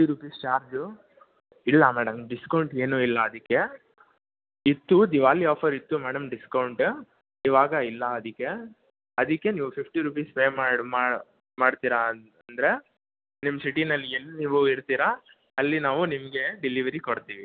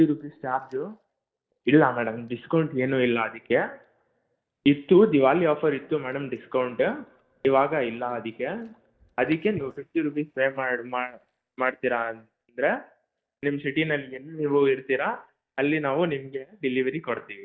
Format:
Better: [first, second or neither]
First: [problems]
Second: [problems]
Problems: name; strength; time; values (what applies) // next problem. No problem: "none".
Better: first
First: none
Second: noise reduction (neural mask model DeepFilterNet 3)